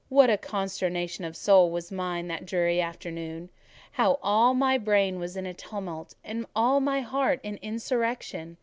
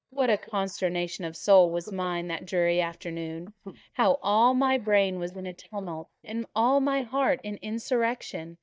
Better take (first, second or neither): first